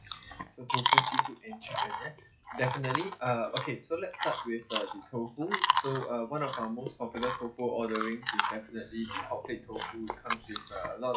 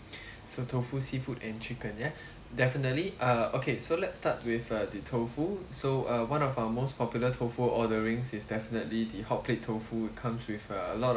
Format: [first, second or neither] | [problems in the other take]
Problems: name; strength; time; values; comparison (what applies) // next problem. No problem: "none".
second | noise reduction (classical method log-MMSE)